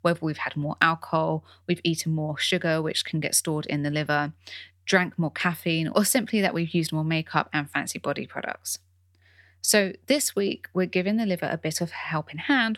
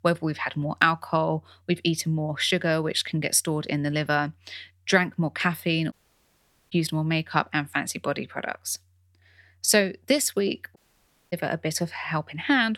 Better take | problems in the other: first | audio cutting out; at 6 s for 1 s and at 11 s for 0.5 s

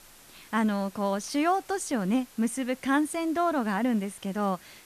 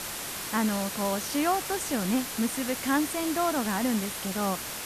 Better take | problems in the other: first | hiss; loud; throughout; 4 dB below the speech; faint in the first

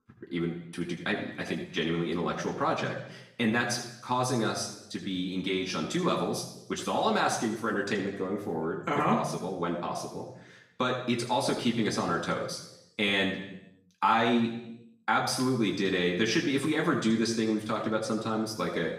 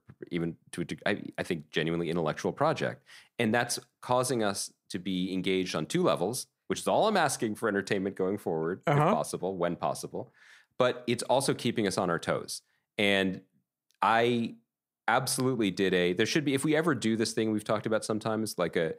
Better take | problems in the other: second | room echo; noticeable; dies away in 0.8 s // off-mic speech; far

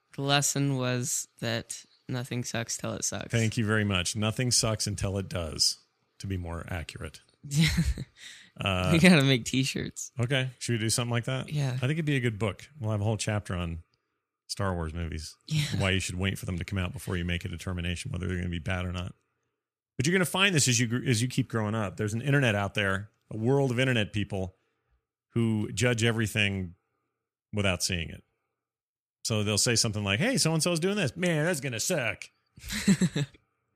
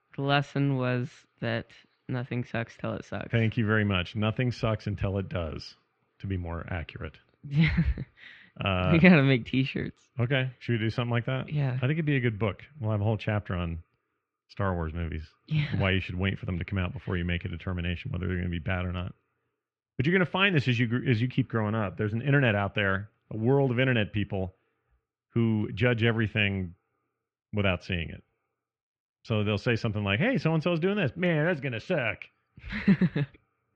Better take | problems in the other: first | muffled; very; fading above 3 kHz

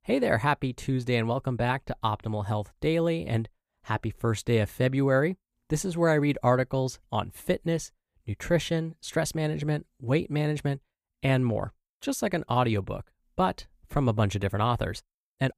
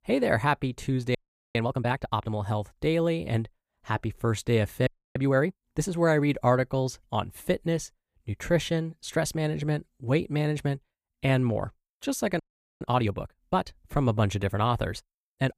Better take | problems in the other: first | audio freezing; at 1 s, at 5 s and at 12 s

